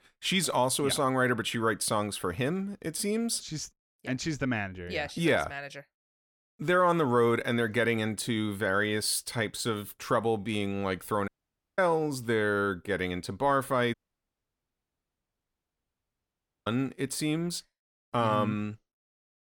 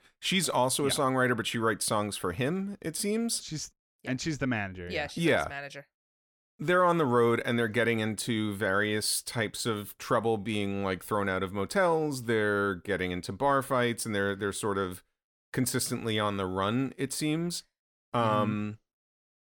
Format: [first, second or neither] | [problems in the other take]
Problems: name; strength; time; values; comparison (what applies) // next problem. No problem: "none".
second | audio cutting out; at 11 s for 0.5 s and at 14 s for 2.5 s